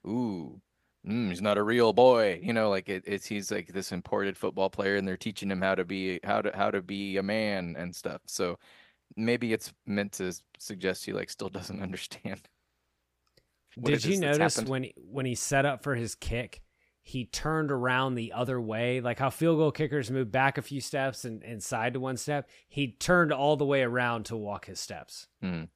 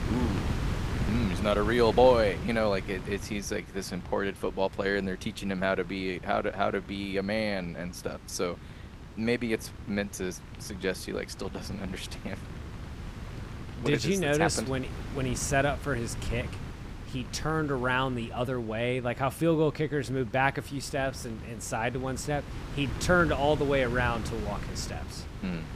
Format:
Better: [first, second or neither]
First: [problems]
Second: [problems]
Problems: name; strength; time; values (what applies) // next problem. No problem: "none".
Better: first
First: none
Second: wind noise on the microphone; occasional gusts; 15 dB below the speech